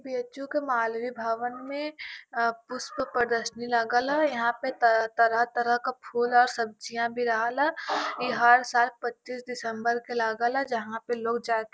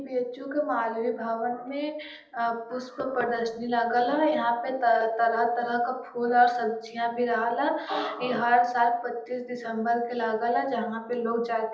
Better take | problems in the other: first | room echo; dies away in 1.2 s

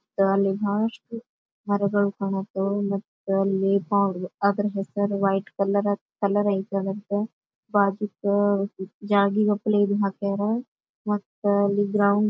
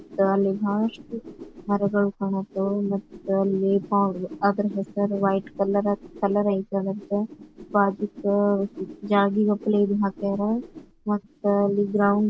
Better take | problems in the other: first | background sound (Whoosh, swoosh, swish); 19 dB below the speech

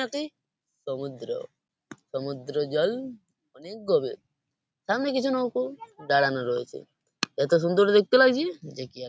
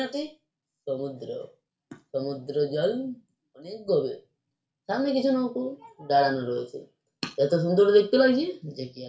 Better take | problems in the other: first | room echo; dies away in 0.3 s

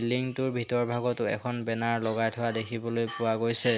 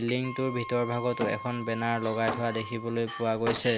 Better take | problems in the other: first | background sound (Wood + Wind instrument, woodwind instrument); 9 dB below the speech

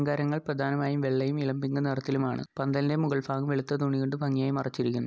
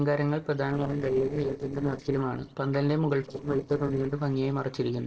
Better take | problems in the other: first | noise reduction (neural separator model SepFormer DNS4)

